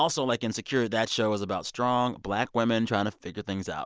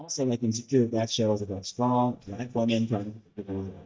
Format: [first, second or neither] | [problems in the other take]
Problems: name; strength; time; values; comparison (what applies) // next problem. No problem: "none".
first | noise reduction (neural mask model DeepFilterNet 3)